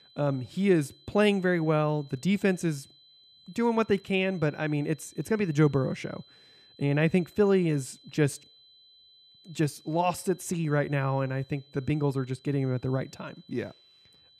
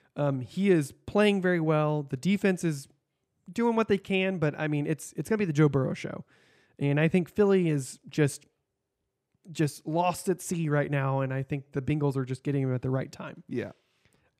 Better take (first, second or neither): second